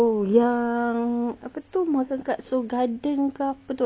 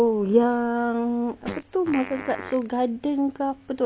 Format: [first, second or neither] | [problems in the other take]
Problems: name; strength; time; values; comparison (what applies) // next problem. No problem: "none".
first | background sound (Fart); 15 dB below the speech